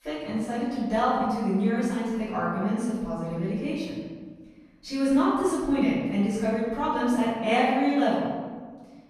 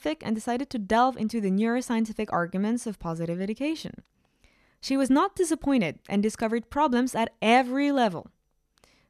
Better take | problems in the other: second | off-mic speech; far // room echo; strong; dies away in 1.4 s

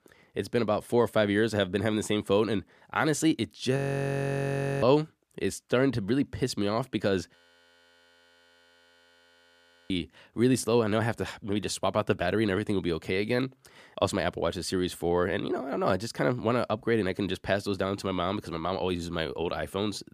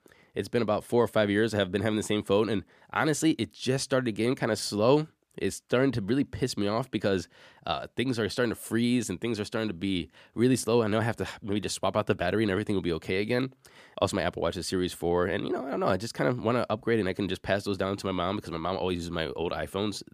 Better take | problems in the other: second | audio freezing; at 4 s for 1 s and at 7.5 s for 2.5 s

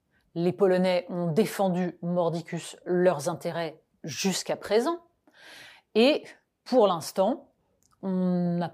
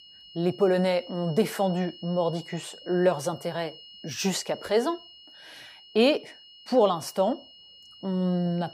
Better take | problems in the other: first | high-pitched whine; noticeable; throughout; 3 kHz, 20 dB below the speech

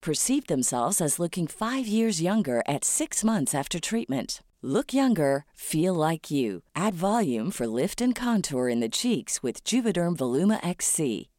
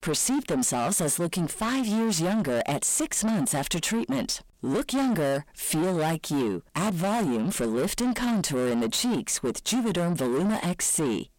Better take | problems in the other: first | distortion; heavy; 7 dB below the speech

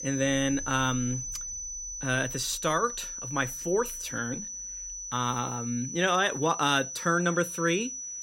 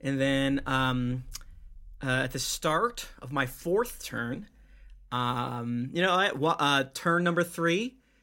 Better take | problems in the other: second | high-pitched whine; loud; throughout; 6 kHz, 6 dB below the speech

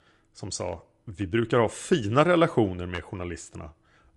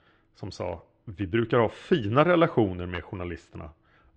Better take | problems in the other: first | muffled; slightly; fading above 3.5 kHz

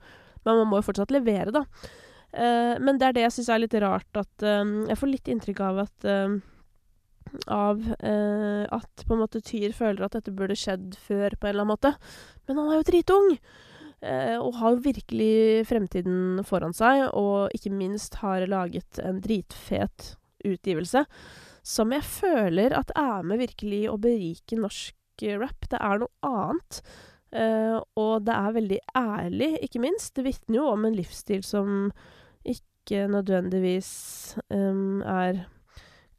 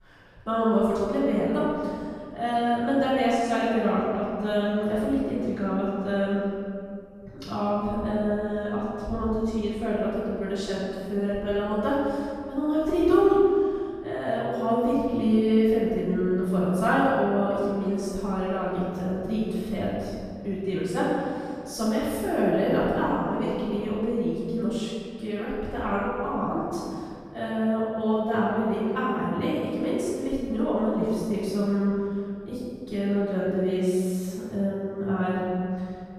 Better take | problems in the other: first | off-mic speech; far // room echo; strong; dies away in 2.3 s

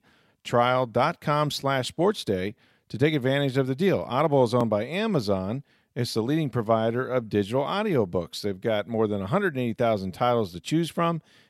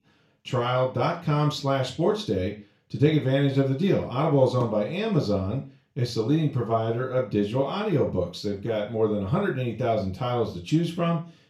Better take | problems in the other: first | room echo; slight; dies away in 0.3 s // off-mic speech; far

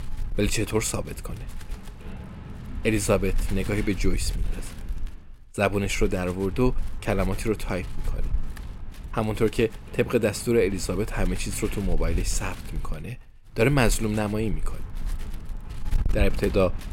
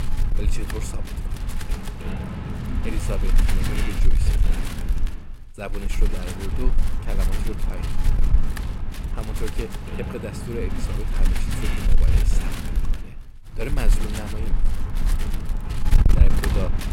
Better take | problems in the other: first | wind noise on the microphone; heavy; 1 dB above the speech; occasional gusts in the first

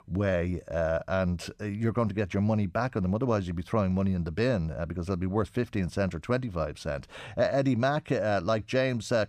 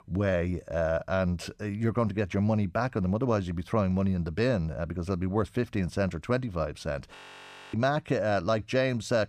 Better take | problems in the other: first | audio freezing; at 7 s for 0.5 s

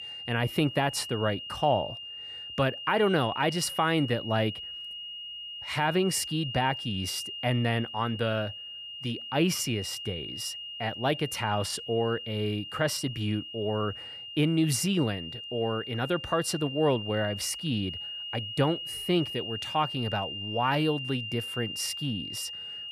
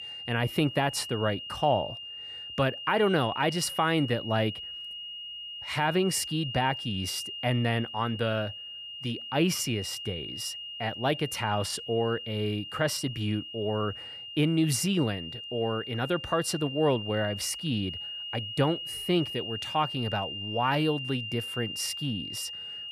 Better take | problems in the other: neither | high-pitched whine; loud; throughout; 3 kHz, 7 dB below the speech; the same in both

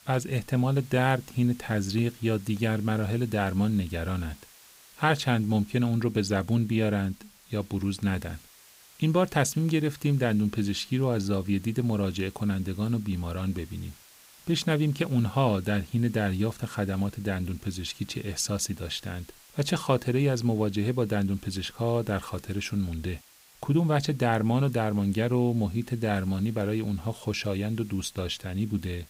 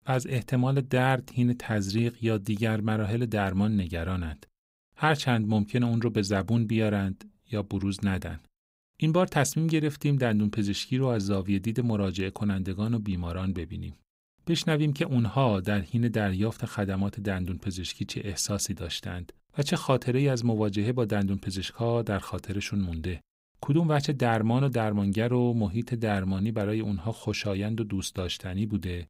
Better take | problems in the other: second | hiss; faint; throughout; 25 dB below the speech

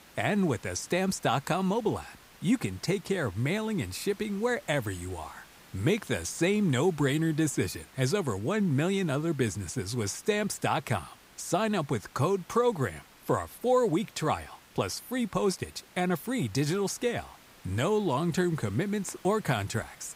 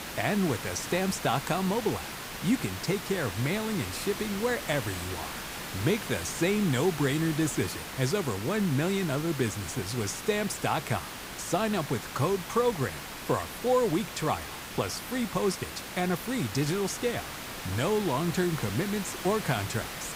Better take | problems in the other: first | hiss; loud; throughout; 7 dB below the speech; faint in the first

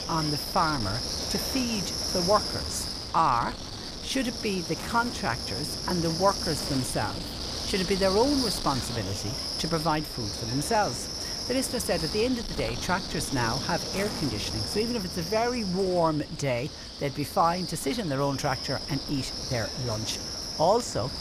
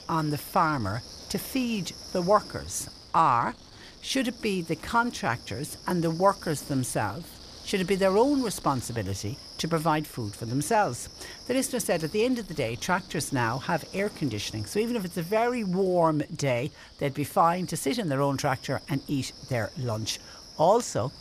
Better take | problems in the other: second | wind noise on the microphone; heavy; 4 dB below the speech; occasional gusts in the second

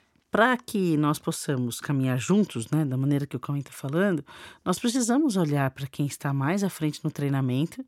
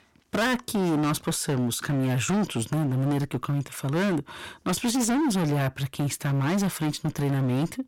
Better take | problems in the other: first | distortion; heavy; 25% of the sound clipped

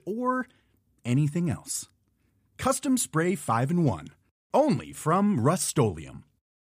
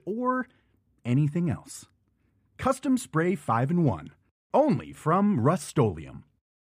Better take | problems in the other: first | muffled; slightly; fading above 3.5 kHz

